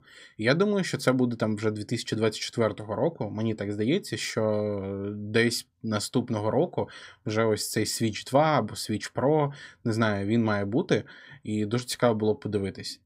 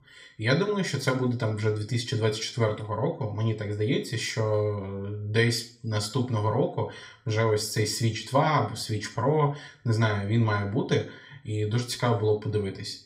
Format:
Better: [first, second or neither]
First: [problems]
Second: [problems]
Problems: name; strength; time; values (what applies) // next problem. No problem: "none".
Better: first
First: none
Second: room echo; very slight; dies away in 0.4 s